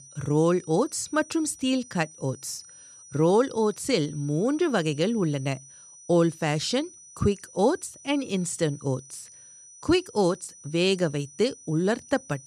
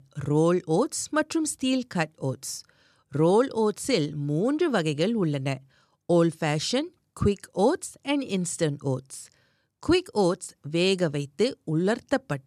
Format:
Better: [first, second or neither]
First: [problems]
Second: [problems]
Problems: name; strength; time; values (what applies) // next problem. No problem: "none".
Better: second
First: high-pitched whine; noticeable; throughout; 6 kHz, 20 dB below the speech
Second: none